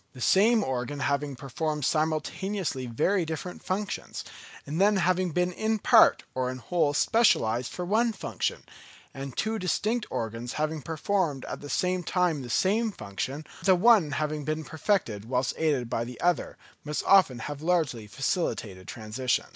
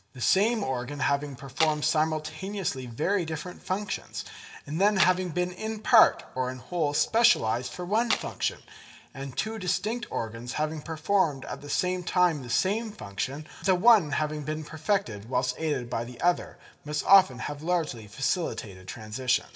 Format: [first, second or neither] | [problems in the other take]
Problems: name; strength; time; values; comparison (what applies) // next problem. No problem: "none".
first | background sound (Tools); 5 dB below the speech // room echo; dies away in 0.3 s